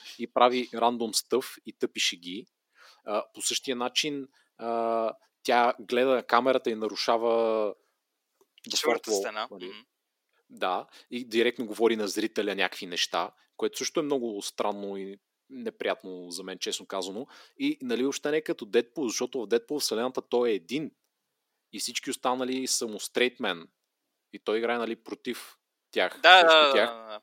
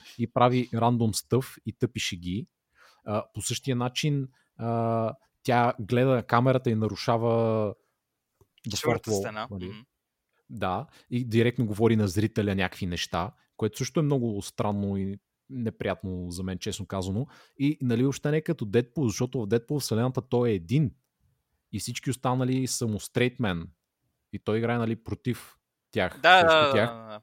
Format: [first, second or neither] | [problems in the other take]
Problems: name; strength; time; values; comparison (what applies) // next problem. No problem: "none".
second | thin; somewhat; fading below 300 Hz